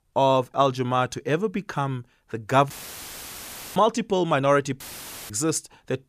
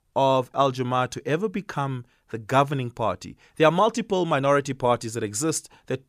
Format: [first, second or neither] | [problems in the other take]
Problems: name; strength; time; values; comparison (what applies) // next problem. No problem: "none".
second | audio cutting out; filled with static; at 2.5 s for 1 s and at 5 s for 0.5 s